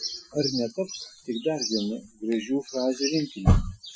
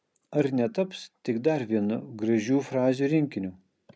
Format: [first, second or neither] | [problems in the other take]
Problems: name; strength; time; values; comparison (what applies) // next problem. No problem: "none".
second | noise reduction (classical method Wiener filter)